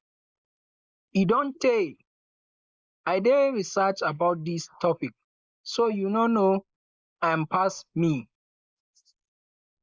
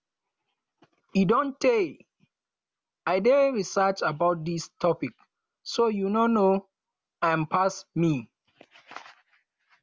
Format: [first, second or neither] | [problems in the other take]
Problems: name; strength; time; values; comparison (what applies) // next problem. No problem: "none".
second | noise reduction (neural mask model Resemble Enhance denoiser)